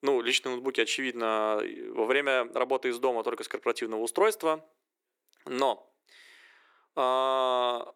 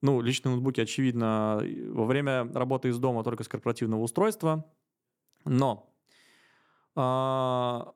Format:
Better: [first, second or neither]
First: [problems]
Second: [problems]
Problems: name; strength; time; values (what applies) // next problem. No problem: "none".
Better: second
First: thin; very; fading below 400 Hz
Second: none